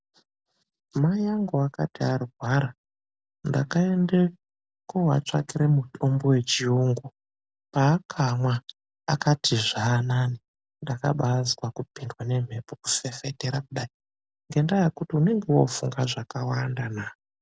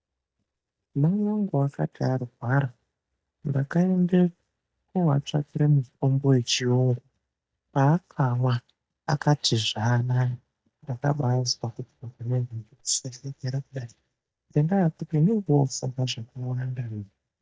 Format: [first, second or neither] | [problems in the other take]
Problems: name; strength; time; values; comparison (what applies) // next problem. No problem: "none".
first | noise reduction (neural mask model DeepFilterNet 3)